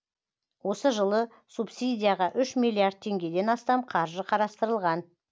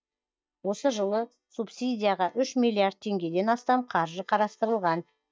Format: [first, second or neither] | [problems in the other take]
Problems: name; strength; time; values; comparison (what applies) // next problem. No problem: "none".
first | noise reduction (neural mask model DeepFilterNet 3)